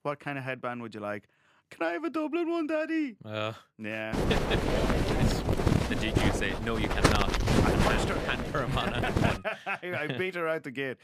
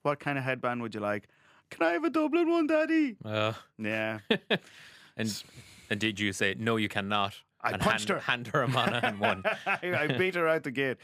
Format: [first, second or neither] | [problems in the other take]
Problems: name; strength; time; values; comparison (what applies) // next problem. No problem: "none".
second | wind noise on the microphone; heavy; from 4 to 9.5 s; 1 dB above the speech